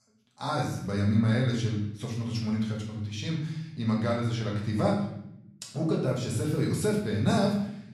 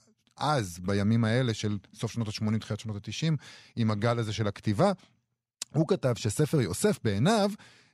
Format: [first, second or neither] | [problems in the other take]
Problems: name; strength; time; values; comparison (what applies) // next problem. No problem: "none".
second | room echo; noticeable; dies away in 0.7 s // off-mic speech; far